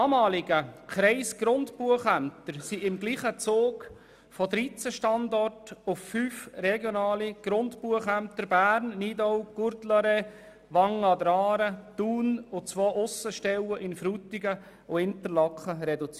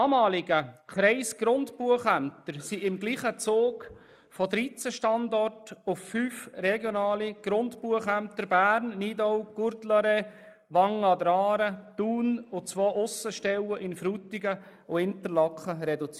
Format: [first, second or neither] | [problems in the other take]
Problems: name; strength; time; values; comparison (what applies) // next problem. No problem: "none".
first | noise reduction (neural mask model Resemble Enhance denoiser)